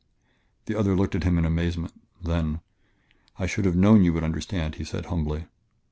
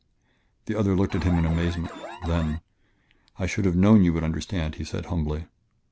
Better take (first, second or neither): first